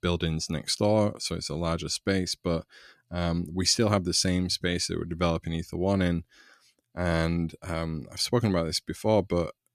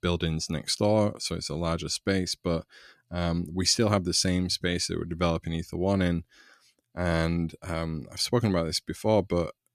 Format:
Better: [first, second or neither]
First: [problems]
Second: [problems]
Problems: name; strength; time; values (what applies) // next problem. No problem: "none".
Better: neither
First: none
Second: none